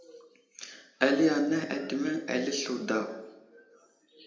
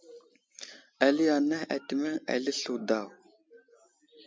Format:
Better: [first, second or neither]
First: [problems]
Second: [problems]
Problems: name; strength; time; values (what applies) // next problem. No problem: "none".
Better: second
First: room echo; dies away in 0.8 s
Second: none